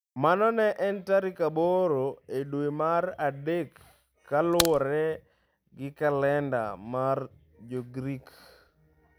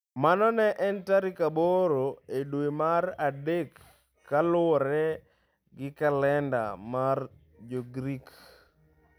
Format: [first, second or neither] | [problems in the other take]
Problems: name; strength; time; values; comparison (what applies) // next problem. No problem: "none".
second | background sound (Crack); 3 dB below the speech